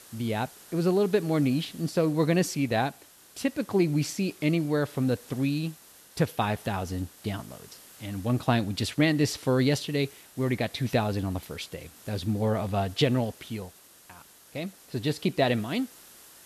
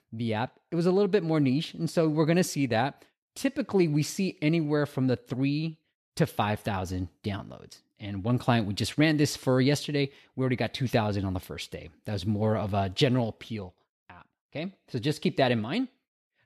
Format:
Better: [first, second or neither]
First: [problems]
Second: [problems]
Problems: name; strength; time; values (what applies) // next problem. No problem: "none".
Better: second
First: hiss; faint; throughout; 20 dB below the speech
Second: none